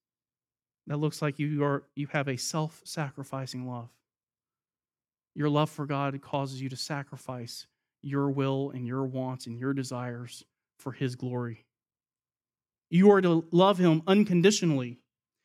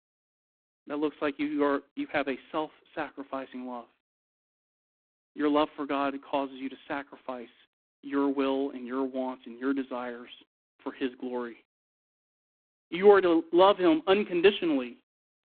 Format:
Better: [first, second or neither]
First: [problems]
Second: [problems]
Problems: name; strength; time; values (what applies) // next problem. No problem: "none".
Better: first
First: none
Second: phone-call audio; poor line